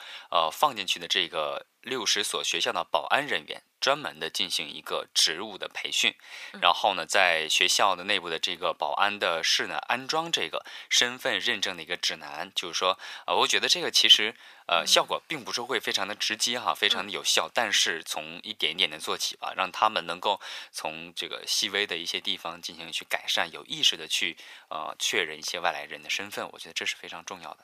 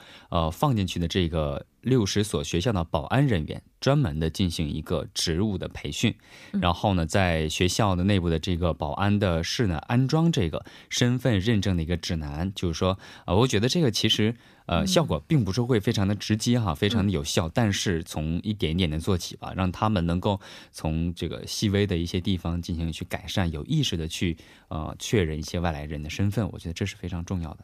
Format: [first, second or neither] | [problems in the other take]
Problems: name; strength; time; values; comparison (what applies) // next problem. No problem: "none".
second | thin; very; fading below 850 Hz